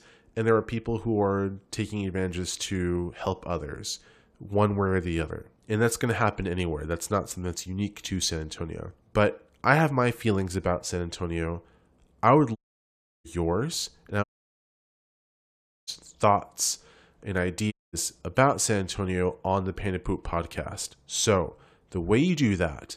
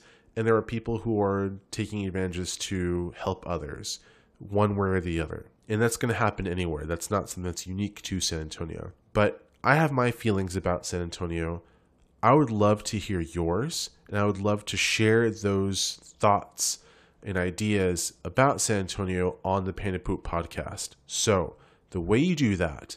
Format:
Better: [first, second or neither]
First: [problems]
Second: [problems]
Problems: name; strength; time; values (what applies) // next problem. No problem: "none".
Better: second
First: audio cutting out; at 13 s for 0.5 s, at 14 s for 1.5 s and at 18 s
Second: none